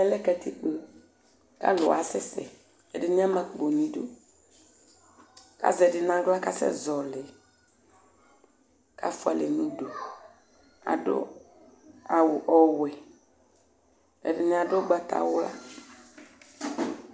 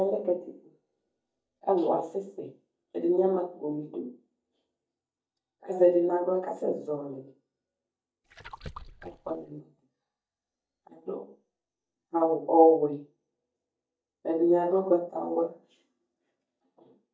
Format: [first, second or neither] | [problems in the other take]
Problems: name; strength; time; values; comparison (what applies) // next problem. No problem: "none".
first | noise reduction (neural mask model DeepFilterNet 3)